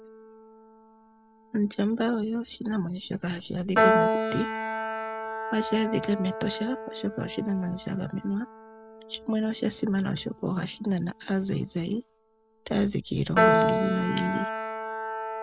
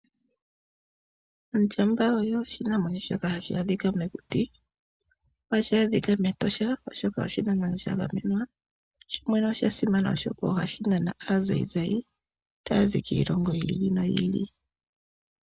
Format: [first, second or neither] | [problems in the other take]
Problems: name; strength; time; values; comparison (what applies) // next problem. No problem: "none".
second | background sound (Piano); 1 dB below the speech